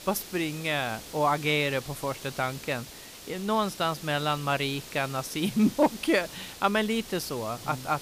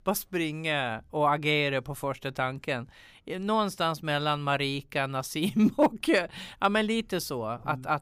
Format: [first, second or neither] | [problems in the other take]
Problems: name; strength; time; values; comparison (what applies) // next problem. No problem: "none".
second | hiss; noticeable; throughout; 15 dB below the speech